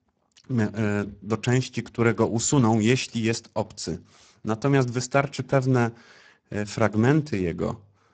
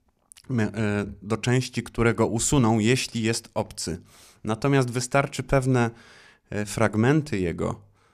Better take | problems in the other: second | garbled, watery; badly; nothing above 7.5 kHz

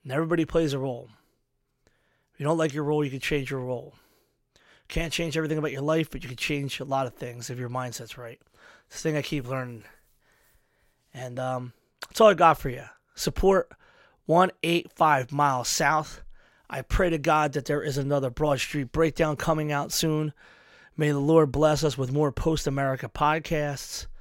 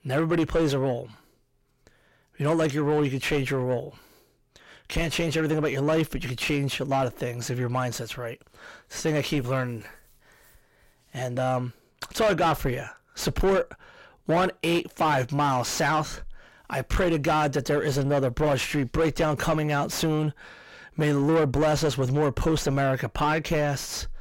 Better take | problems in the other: first | distortion; heavy; 6 dB below the speech

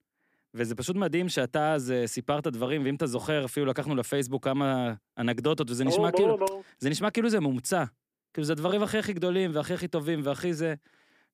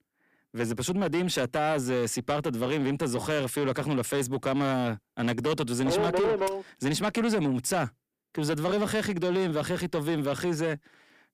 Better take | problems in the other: first | distortion; slight; 10 dB below the speech

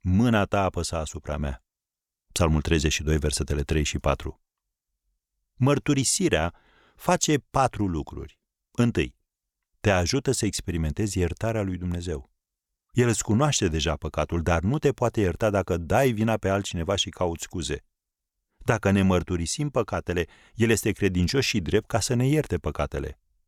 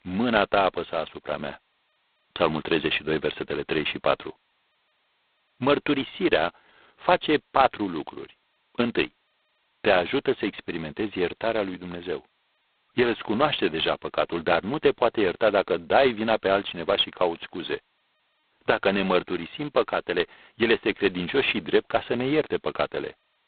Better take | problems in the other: first | phone-call audio; poor line; nothing above 3.5 kHz

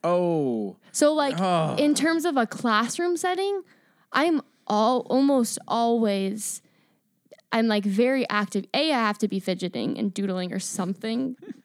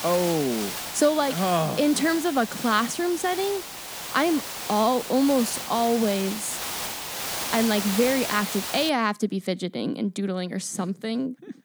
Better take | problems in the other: first | hiss; loud; until 9 s; 6 dB below the speech

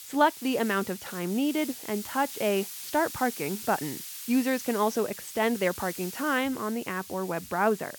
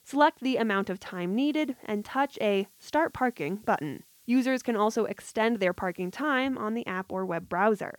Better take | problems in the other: second | hiss; loud; throughout; 10 dB below the speech; faint in the second

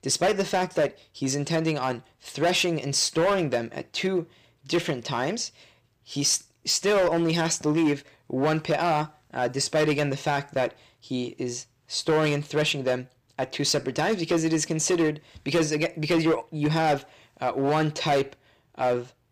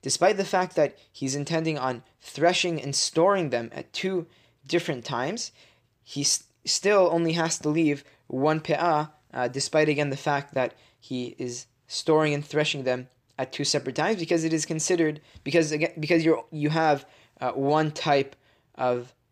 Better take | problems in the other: second | distortion; slight; 7% of the sound clipped

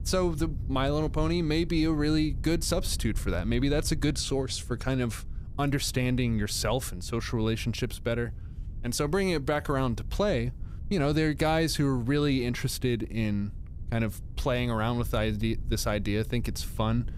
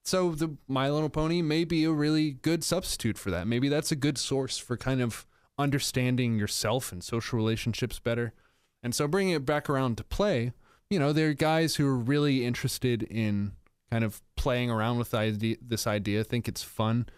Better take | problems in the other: second | wind noise on the microphone; occasional gusts; 25 dB below the speech

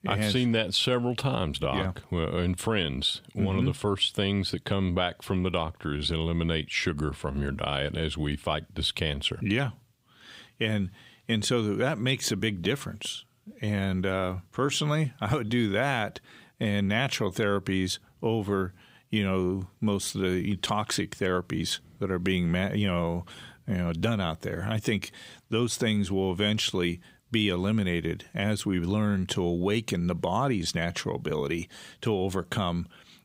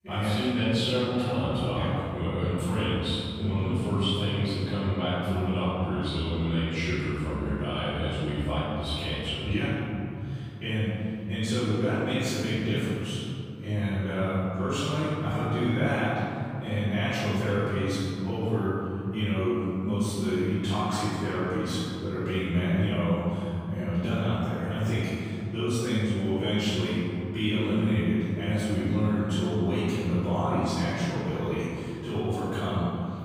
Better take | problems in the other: first | off-mic speech; far // room echo; strong; dies away in 3 s

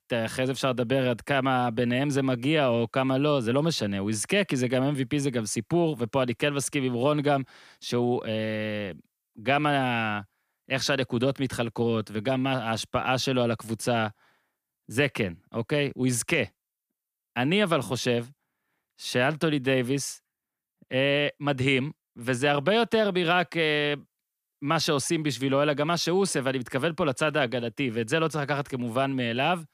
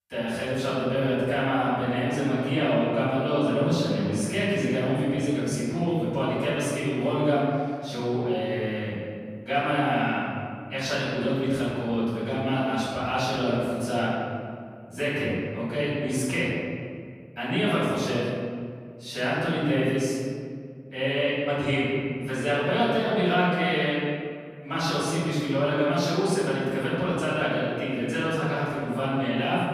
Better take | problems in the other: first | off-mic speech; far // room echo; strong; dies away in 2 s

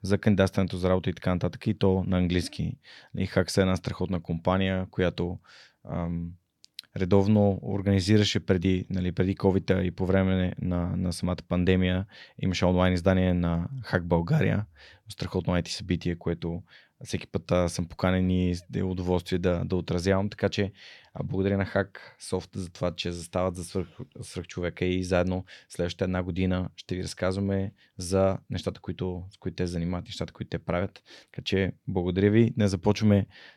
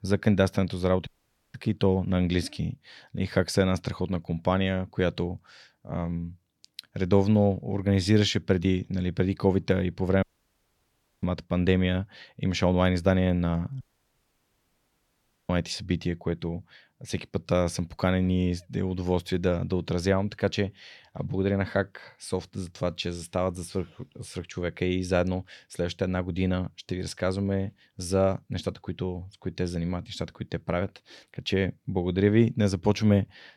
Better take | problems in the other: first | audio cutting out; at 1 s, at 10 s for 1 s and at 14 s for 1.5 s

